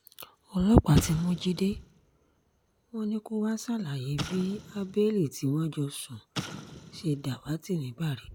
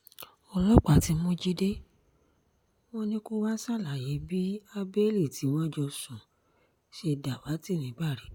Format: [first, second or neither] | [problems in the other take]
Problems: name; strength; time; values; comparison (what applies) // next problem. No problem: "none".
second | background sound (Explosion); 14 dB below the speech